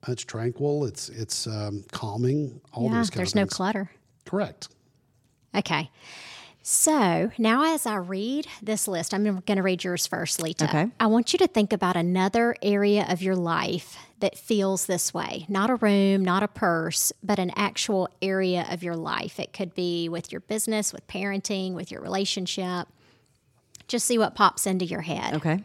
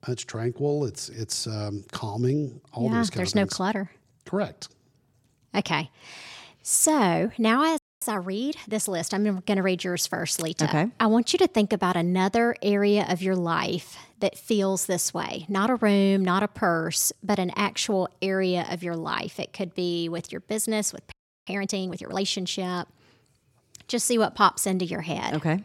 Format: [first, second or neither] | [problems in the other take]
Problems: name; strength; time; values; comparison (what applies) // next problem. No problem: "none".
first | audio freezing; at 8 s and at 21 s